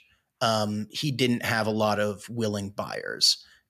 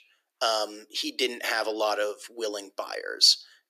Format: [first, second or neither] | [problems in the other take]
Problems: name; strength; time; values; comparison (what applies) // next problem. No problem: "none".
first | thin; very; fading below 300 Hz